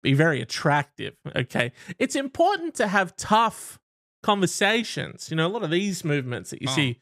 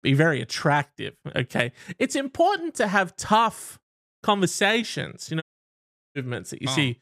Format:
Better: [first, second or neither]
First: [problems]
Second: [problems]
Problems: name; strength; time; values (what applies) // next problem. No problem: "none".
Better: first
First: none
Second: audio cutting out; at 5.5 s for 0.5 s